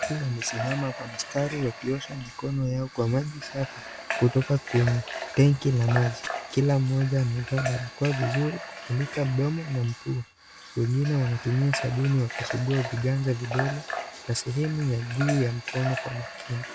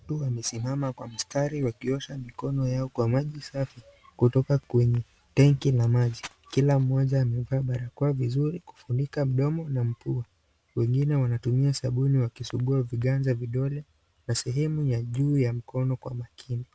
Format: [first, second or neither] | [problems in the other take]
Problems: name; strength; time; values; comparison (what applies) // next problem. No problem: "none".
second | background sound (Water tap, faucet / Water); 10 dB below the speech